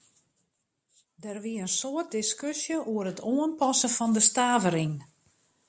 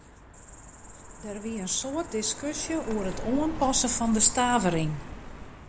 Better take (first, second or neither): first